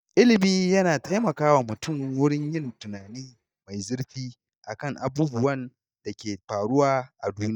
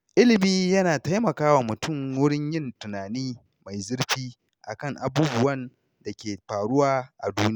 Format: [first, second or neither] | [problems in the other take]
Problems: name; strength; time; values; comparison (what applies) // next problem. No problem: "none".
second | noise reduction (neural mask model DeepFilterNet 3)